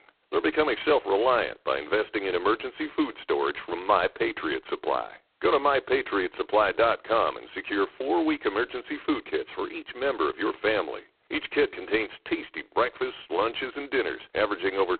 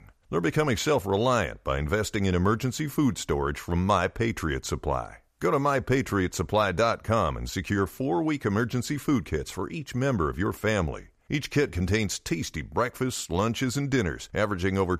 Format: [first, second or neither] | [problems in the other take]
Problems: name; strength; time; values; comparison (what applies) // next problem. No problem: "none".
second | phone-call audio; poor line; nothing above 4 kHz